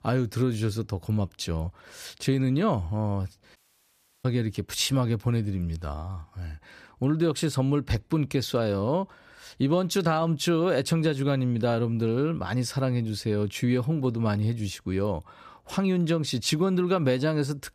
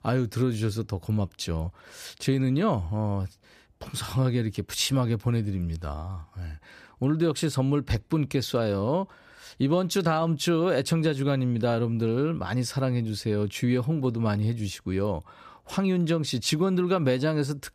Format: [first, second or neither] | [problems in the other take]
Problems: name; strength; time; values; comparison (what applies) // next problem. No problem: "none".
second | audio cutting out; at 3.5 s for 0.5 s